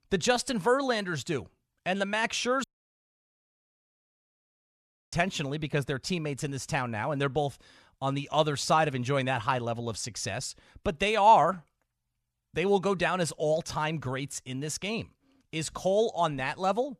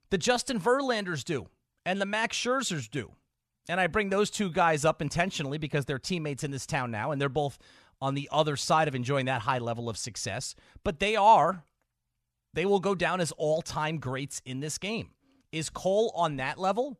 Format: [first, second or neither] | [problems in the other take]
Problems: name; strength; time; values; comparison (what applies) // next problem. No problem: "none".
second | audio cutting out; at 2.5 s for 2.5 s